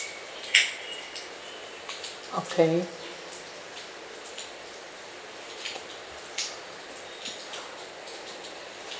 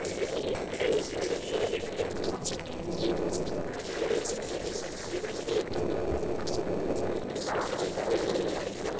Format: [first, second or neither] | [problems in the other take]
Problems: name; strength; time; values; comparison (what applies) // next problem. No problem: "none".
first | noise reduction (neural separator model SepFormer DNS4)